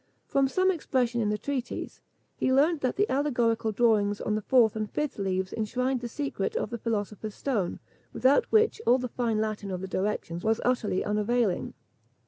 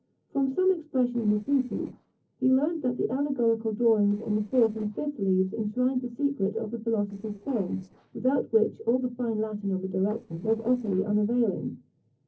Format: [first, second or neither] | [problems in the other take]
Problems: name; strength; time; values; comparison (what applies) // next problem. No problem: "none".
first | noise reduction (neural separator model SepFormer DNS4)